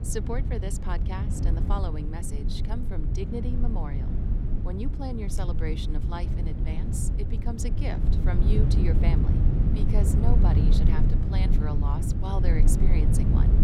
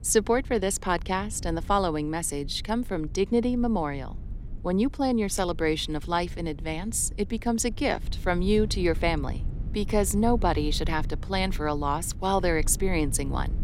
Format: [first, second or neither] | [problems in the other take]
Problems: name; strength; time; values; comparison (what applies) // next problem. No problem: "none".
second | low rumble; loud; throughout; 1 dB below the speech; faint in the second